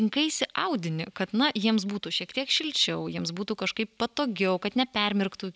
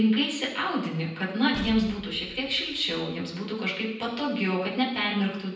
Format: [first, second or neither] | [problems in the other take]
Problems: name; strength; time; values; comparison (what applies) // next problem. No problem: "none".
first | background sound (Explosion); 16 dB below the speech // room echo; dies away in 0.9 s